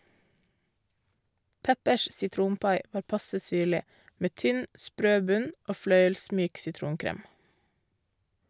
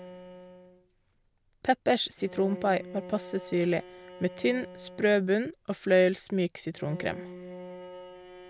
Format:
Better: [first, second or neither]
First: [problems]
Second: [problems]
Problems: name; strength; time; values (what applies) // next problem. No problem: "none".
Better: first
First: none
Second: background sound (Bowed string instrument); 16 dB below the speech